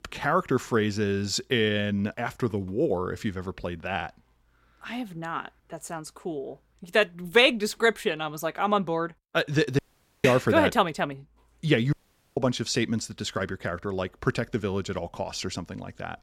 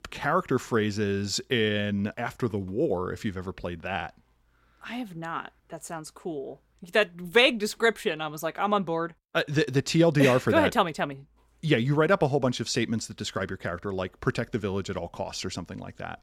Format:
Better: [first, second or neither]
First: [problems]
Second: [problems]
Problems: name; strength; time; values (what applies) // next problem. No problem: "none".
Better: second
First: audio cutting out; at 10 s and at 12 s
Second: none